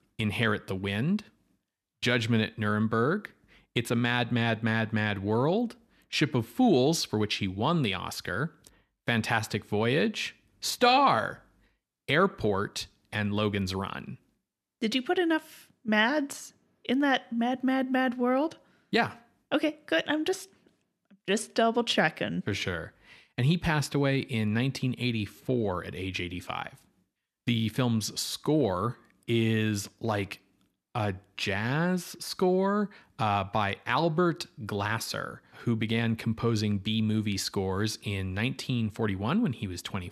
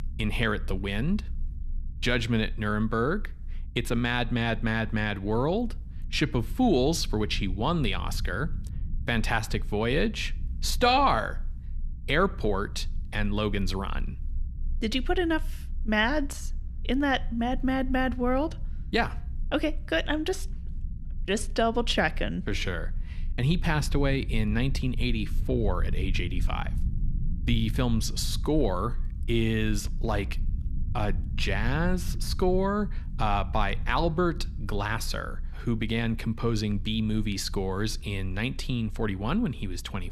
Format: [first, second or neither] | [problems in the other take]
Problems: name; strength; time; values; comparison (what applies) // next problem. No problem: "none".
first | low rumble; faint; throughout; 25 dB below the speech